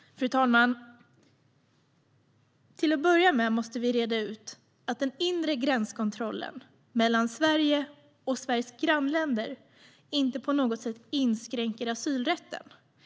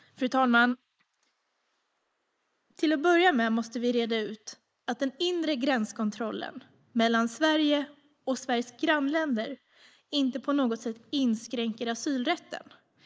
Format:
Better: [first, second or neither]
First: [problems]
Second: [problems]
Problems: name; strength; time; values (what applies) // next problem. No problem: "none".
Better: first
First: none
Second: noise reduction (neural mask model Resemble Enhance denoiser)